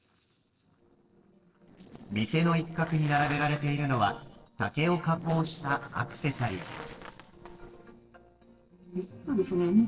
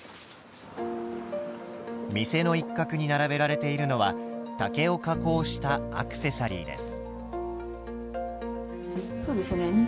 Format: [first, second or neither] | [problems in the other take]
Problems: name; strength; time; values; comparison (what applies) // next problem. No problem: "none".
second | noise reduction (neural separator model SepFormer DNS4)